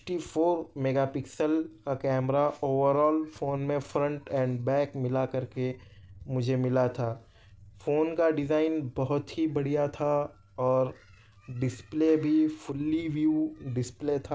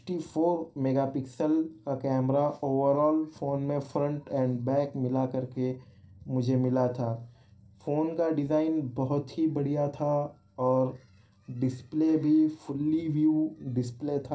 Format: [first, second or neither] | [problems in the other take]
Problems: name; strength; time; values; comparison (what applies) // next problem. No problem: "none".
first | room echo; dies away in 0.3 s